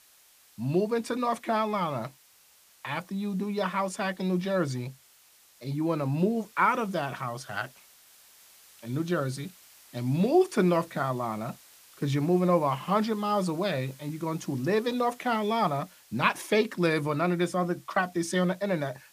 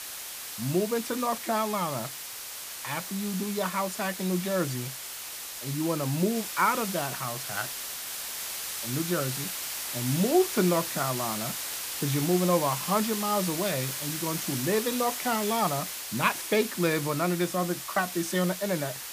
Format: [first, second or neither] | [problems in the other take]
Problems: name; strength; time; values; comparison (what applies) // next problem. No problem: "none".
first | hiss; loud; throughout; 4 dB below the speech; faint in the first